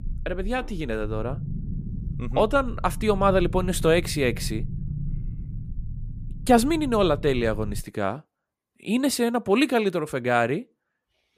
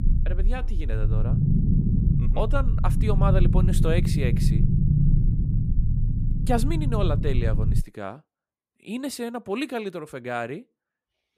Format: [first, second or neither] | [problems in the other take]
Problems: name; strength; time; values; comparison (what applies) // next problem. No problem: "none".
first | low rumble; loud; until 8 s; 4 dB below the speech; faint in the first